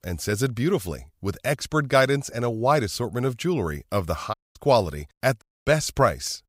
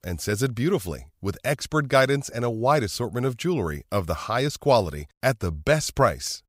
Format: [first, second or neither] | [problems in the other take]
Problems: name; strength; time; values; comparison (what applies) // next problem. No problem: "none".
second | audio cutting out; at 4.5 s and at 5.5 s